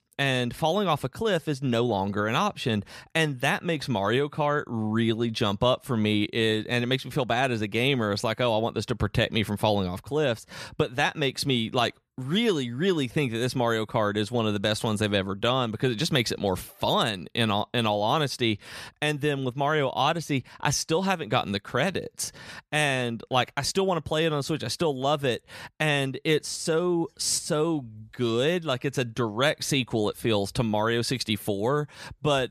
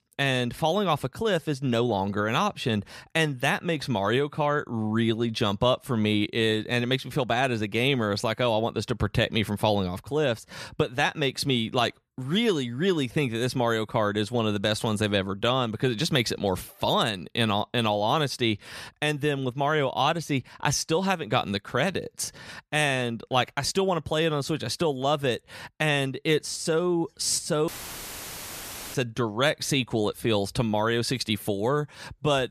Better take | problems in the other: first | audio cutting out; filled with static; at 28 s for 1.5 s

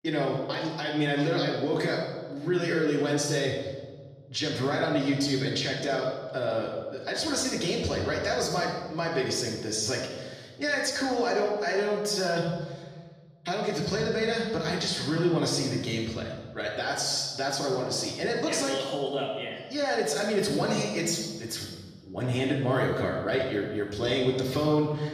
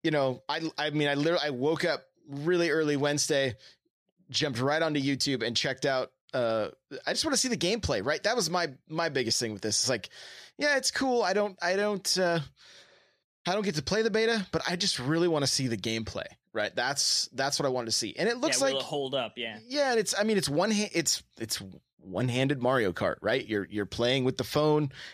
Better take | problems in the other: second | off-mic speech; far // room echo; noticeable; dies away in 1.2 s

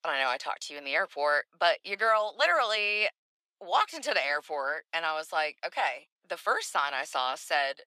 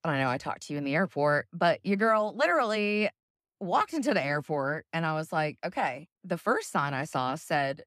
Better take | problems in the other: second | thin; very; fading below 550 Hz

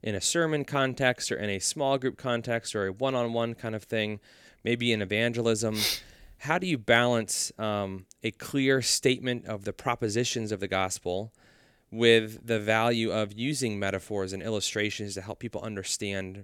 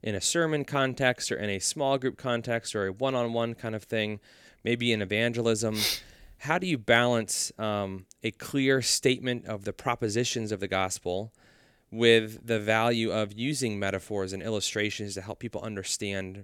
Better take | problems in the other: neither | none

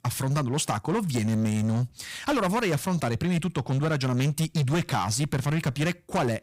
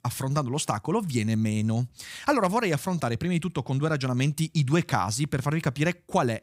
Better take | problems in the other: second | distortion; slight; 17% of the sound clipped

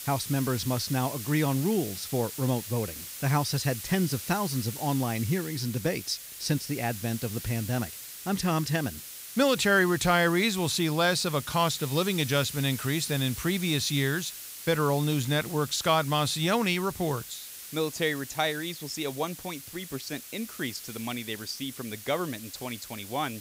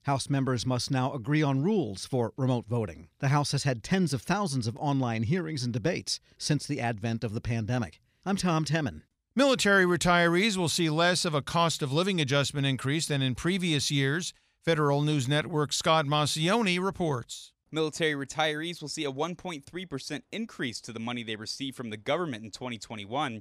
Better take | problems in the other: second | hiss; noticeable; throughout; 10 dB below the speech

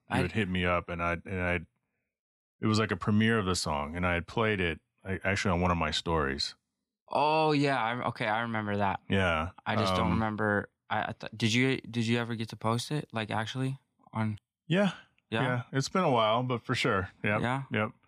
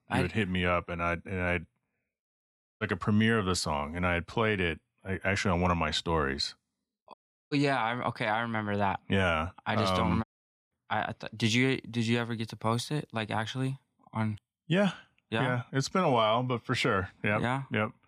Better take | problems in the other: first | audio cutting out; at 2.5 s, at 7 s and at 10 s

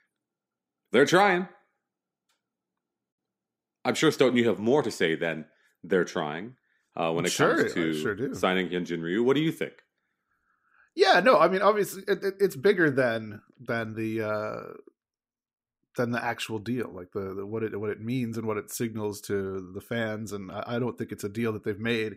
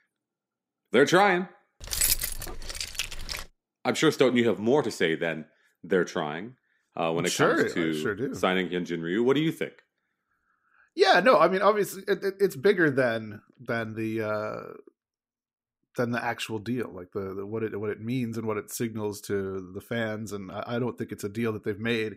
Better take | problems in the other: first | jangling keys; loud; from 2 to 3.5 s; peak 3 dB above the speech

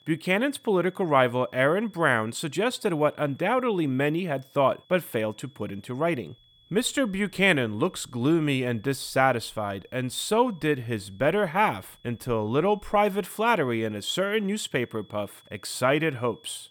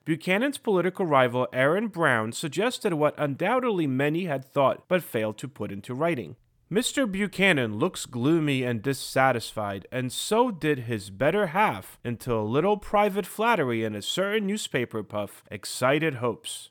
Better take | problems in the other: second | high-pitched whine; faint; throughout; 3.5 kHz, 30 dB below the speech

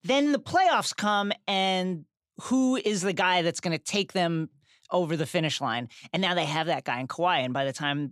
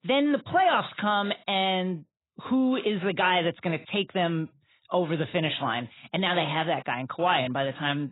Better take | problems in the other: first | garbled, watery; badly; nothing above 4 kHz

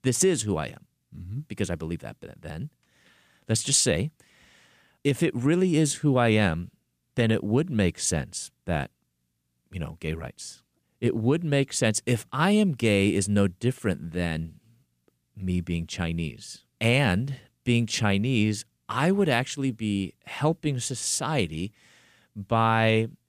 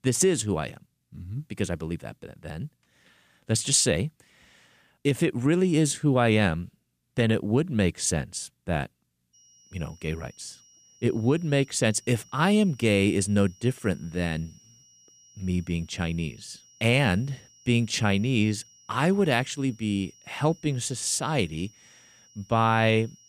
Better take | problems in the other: first | high-pitched whine; faint; from 9.5 s on; 5.5 kHz, 30 dB below the speech

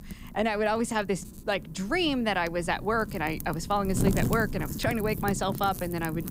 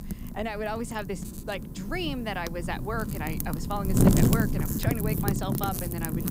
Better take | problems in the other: first | wind noise on the microphone; heavy; as loud as the speech; occasional gusts in the first

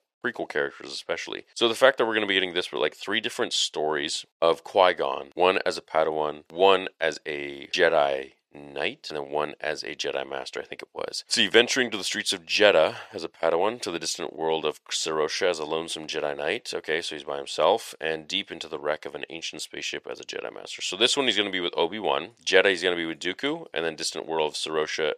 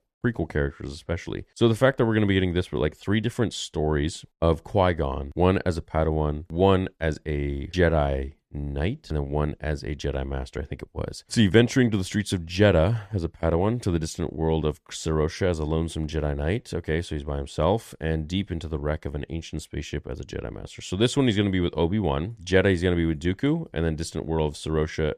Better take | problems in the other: second | thin; very; fading below 600 Hz

